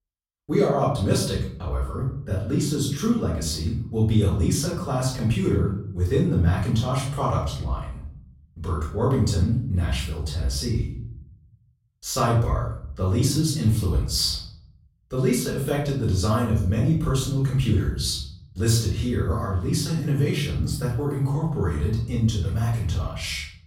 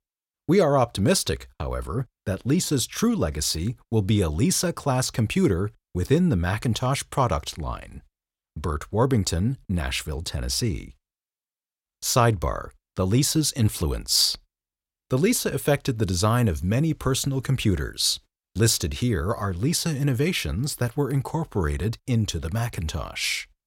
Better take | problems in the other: second | off-mic speech; far // room echo; noticeable; dies away in 0.8 s

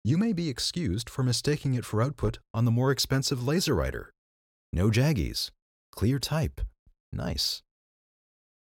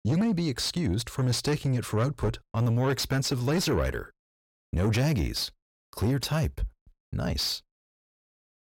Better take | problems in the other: first | distortion; slight; 10 dB below the speech

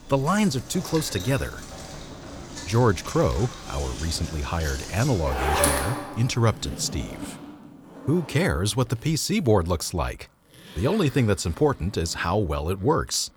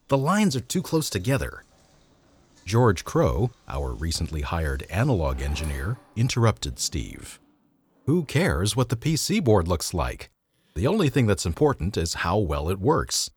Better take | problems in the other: second | household noises; loud; throughout; 8 dB below the speech; faint in the second

